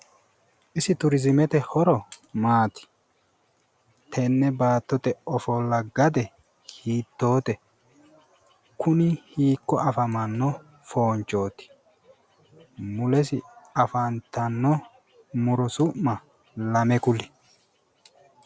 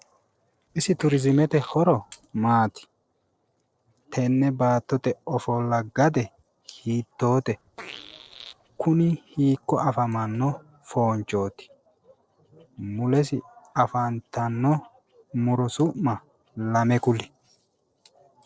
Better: first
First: none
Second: noise reduction (neural separator model SepFormer DNS4)

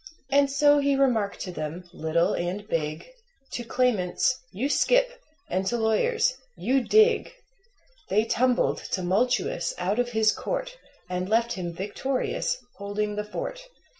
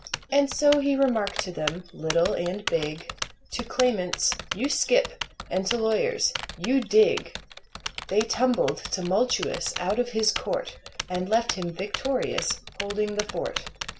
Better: first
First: none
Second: background sound (Typing); 10 dB below the speech

